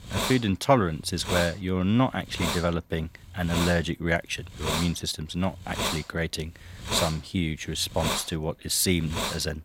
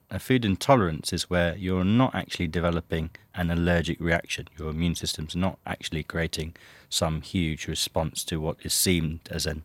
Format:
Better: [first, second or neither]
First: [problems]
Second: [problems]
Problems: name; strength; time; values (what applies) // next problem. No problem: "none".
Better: second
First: hiss; loud; throughout; 4 dB below the speech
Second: none